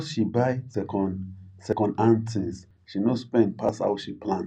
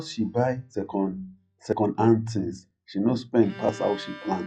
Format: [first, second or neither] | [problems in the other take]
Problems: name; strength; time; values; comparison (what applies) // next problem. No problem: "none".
first | noise reduction (classical method log-MMSE)